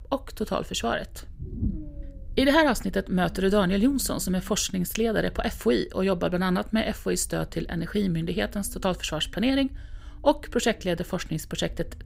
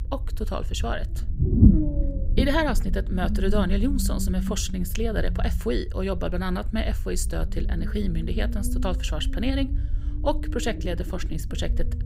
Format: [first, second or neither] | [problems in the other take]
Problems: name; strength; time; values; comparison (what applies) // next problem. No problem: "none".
first | low rumble; loud; throughout; 7 dB below the speech; faint in the first